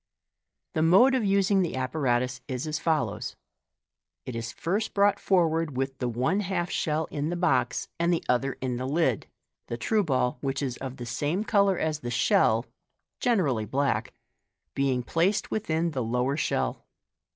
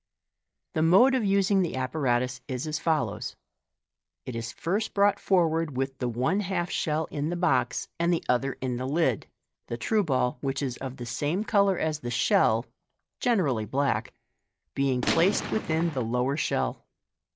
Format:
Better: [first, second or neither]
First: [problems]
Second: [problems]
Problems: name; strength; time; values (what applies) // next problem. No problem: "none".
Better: first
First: none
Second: background sound (Gunshot, gunfire); 5 dB below the speech